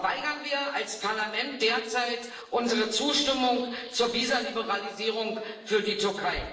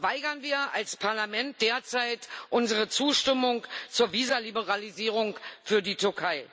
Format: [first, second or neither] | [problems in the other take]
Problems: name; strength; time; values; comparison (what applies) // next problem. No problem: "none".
second | noise reduction (neural separator model SepFormer DNS4)